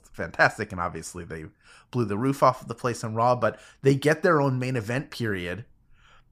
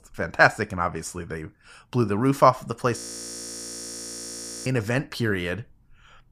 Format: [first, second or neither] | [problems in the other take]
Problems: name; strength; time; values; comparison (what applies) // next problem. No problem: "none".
first | audio freezing; at 3 s for 1.5 s